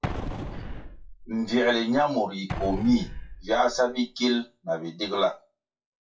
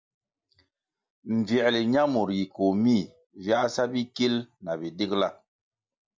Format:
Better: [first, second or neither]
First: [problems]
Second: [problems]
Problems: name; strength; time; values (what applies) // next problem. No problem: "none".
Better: second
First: noise reduction (classical method WPE with log-MMSE)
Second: none